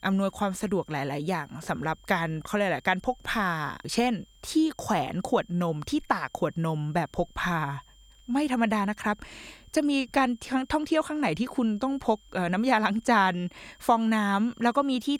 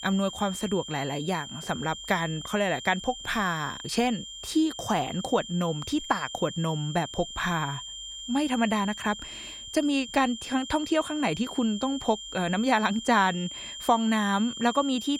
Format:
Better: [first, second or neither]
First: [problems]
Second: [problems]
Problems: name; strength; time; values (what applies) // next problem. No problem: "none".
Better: first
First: high-pitched whine; faint; throughout; 3 kHz, 30 dB below the speech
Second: high-pitched whine; loud; throughout; 3 kHz, 10 dB below the speech